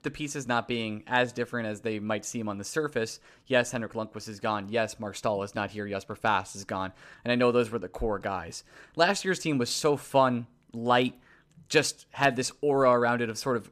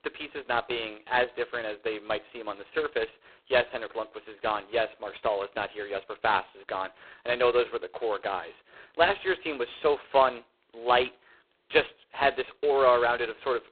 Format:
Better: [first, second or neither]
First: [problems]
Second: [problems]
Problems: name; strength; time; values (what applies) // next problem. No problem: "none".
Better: first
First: none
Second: phone-call audio; poor line; nothing above 4 kHz